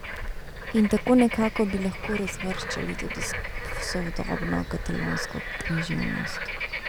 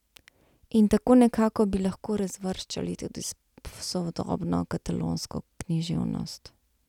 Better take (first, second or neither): second